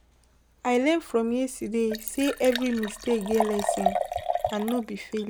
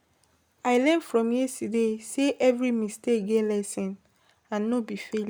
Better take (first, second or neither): second